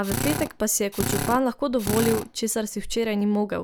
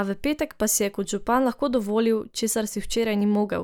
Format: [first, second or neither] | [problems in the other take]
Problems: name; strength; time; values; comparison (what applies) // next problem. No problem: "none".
second | background sound (Drill); 5 dB below the speech